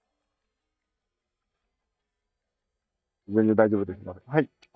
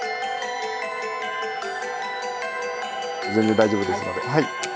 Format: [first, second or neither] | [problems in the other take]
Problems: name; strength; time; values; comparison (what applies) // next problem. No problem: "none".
second | noise reduction (neural mask model DeepFilterNet 3)